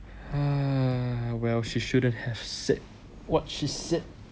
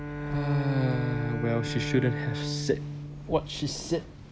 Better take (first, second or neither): first